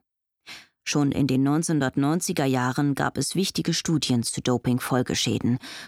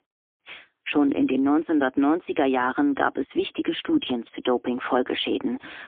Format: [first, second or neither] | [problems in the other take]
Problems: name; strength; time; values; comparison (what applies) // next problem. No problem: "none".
first | phone-call audio; poor line; nothing above 3.5 kHz